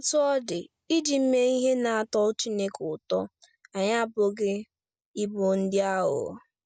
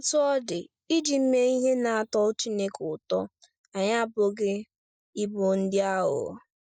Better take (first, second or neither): first